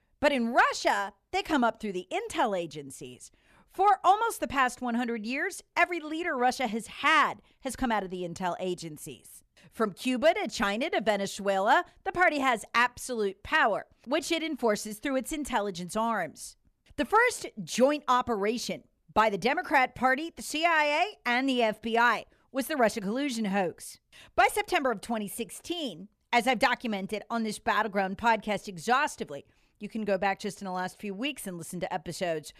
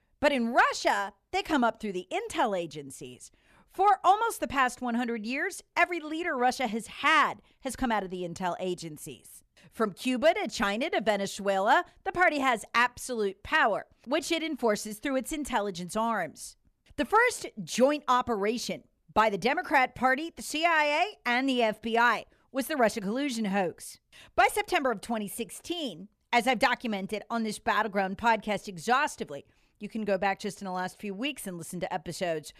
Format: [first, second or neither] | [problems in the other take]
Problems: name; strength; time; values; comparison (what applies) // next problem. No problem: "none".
neither | none